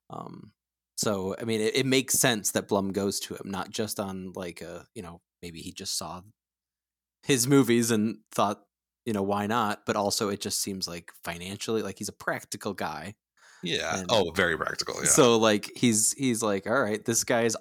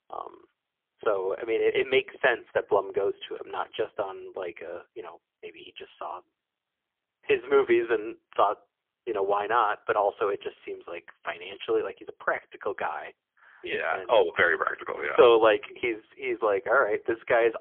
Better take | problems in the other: first | phone-call audio; poor line; nothing above 3.5 kHz

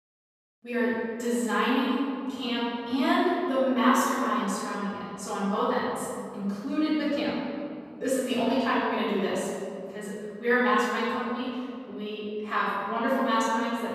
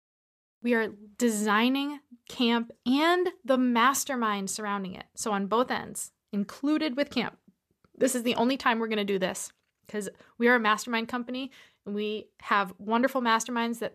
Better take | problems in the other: second | off-mic speech; far // room echo; strong; dies away in 2.2 s

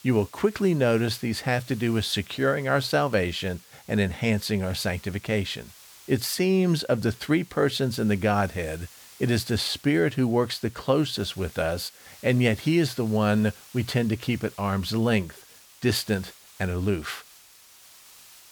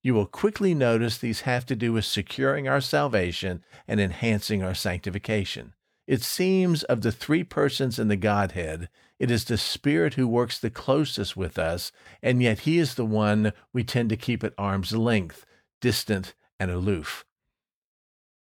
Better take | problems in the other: second | hiss; faint; throughout; 25 dB below the speech

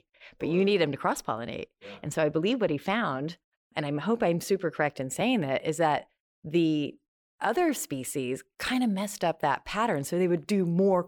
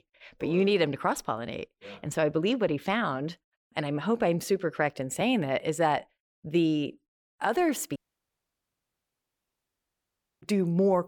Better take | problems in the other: first | audio cutting out; at 8 s for 2.5 s

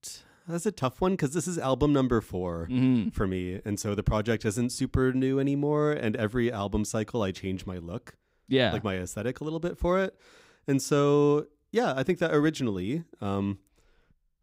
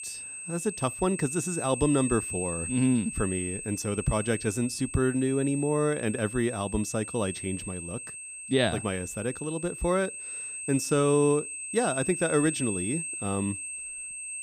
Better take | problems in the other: first | high-pitched whine; loud; throughout; 8.5 kHz, 6 dB below the speech

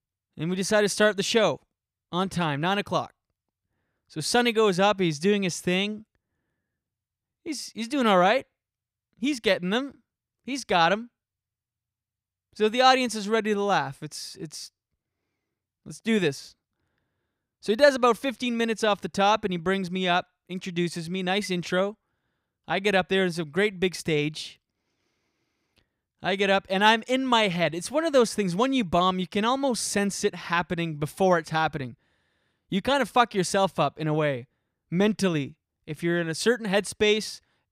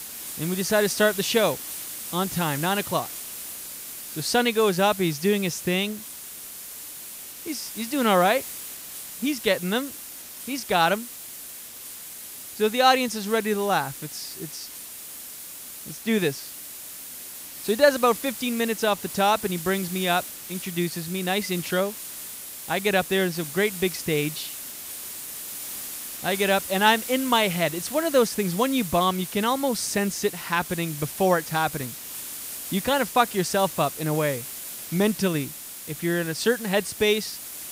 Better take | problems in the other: first | hiss; loud; throughout; 10 dB below the speech

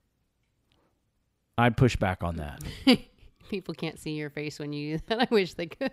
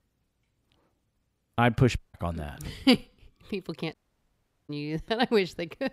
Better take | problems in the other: first | audio cutting out; at 2 s and at 4 s for 1 s

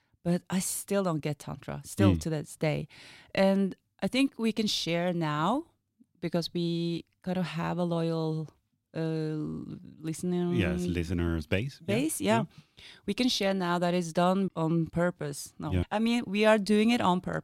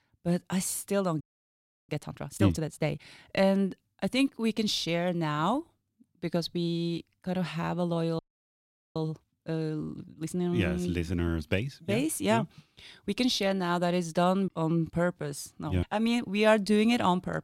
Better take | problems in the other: first | audio freezing; at 1 s for 0.5 s and at 8 s for 1 s

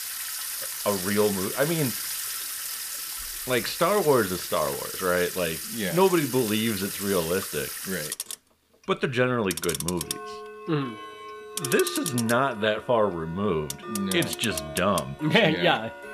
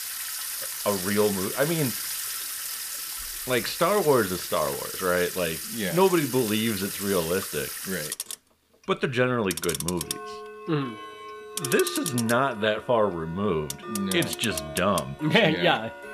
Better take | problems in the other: neither | household noises; loud; throughout; 6 dB below the speech; the same in both

